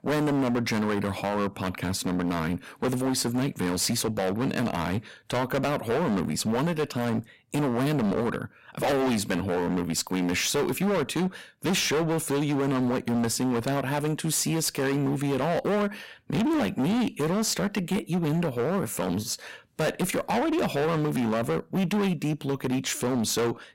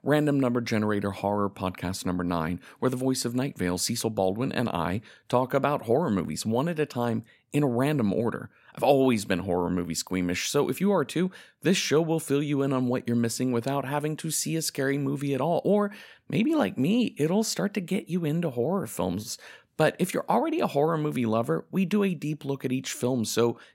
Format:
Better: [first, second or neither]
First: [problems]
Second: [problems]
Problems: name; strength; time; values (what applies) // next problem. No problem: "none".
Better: second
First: distortion; heavy; 24% of the sound clipped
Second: none